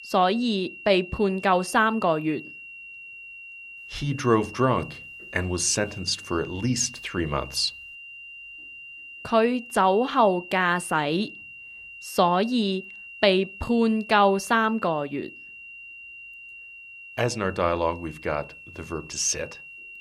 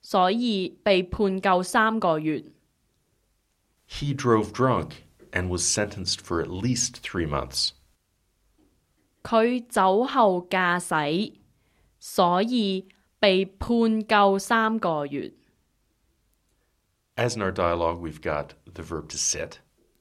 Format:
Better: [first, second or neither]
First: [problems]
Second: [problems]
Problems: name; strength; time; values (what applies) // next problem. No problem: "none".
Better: second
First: high-pitched whine; noticeable; throughout; 3 kHz, 15 dB below the speech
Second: none